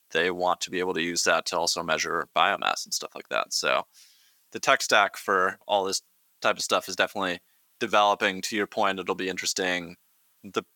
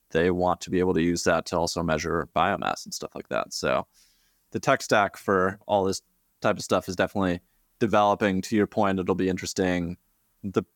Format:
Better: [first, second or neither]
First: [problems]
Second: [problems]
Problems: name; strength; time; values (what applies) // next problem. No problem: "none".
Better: second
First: thin; somewhat; fading below 1 kHz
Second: none